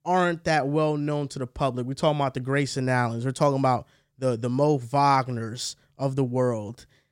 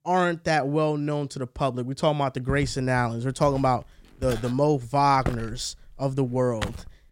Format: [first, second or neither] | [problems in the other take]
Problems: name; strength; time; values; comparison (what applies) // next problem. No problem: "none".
first | footsteps; noticeable; from 2.5 s on; peak 7 dB below the speech